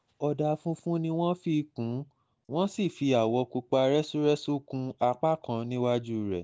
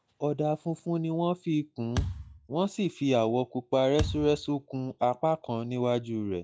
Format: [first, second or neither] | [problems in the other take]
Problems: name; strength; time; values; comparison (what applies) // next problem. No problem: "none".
first | noise reduction (classical method log-MMSE)